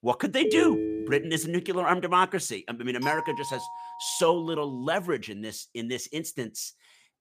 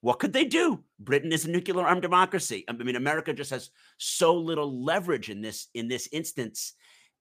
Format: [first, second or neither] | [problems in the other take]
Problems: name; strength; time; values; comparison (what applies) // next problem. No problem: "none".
second | phone ringing; loud; until 1.5 s; peak 2 dB above the speech // doorbell; noticeable; from 3 to 4.5 s; peak 5 dB below the speech